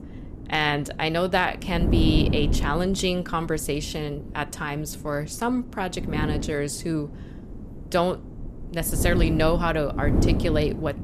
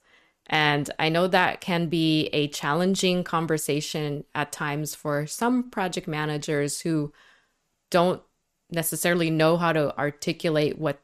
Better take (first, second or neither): second